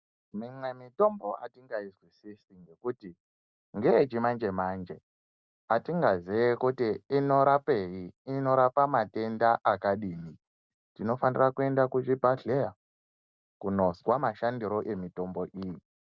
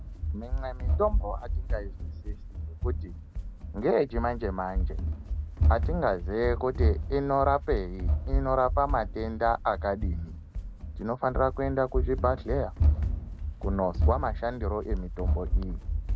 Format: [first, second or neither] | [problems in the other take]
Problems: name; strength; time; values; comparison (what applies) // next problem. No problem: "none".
first | background sound (Run); 1 dB above the speech